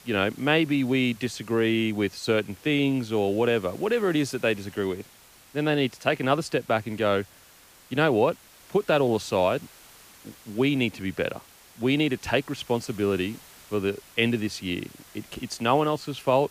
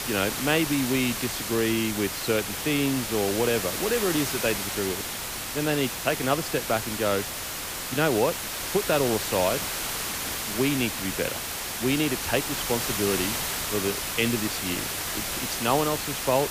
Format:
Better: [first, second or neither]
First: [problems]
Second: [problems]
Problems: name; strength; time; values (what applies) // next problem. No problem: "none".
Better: first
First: hiss; faint; throughout; 25 dB below the speech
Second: hiss; loud; throughout; 2 dB below the speech